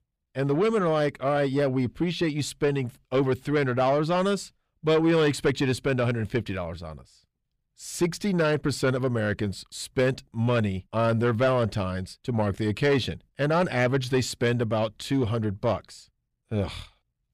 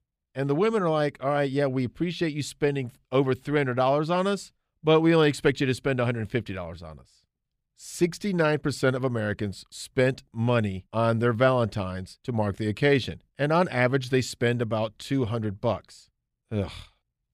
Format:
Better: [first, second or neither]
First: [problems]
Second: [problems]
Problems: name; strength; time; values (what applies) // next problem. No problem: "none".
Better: second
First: distortion; slight; 10 dB below the speech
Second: none